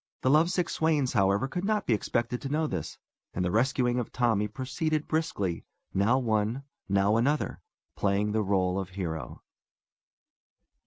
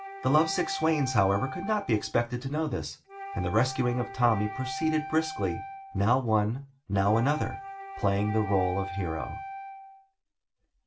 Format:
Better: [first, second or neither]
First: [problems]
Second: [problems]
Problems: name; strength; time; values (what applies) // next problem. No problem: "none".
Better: first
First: none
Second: background sound (Wind instrument, woodwind instrument); 11 dB below the speech // room echo; dies away in 0.2 s